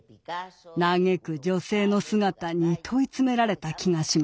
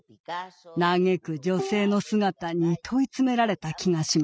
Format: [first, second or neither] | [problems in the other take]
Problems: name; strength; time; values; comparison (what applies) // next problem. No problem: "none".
first | noise reduction (classical method spectral subtraction)